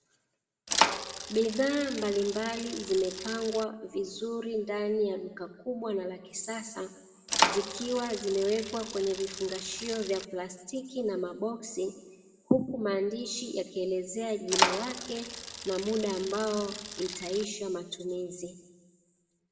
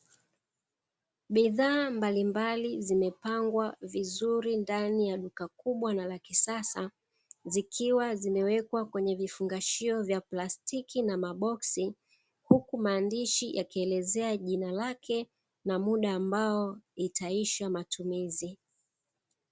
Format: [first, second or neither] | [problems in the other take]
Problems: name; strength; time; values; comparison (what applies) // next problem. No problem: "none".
second | background sound (Bicycle); 1 dB below the speech // room echo; dies away in 1.1 s